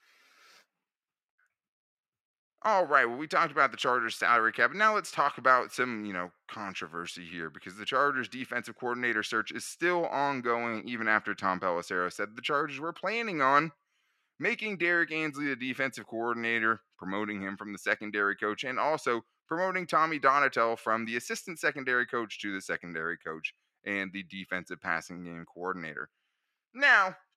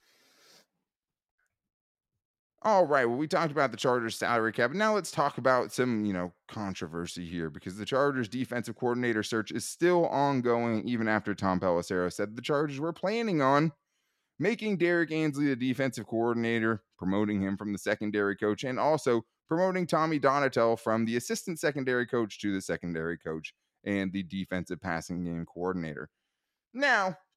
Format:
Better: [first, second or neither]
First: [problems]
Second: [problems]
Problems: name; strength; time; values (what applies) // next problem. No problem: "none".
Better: second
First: thin; somewhat; fading below 550 Hz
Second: none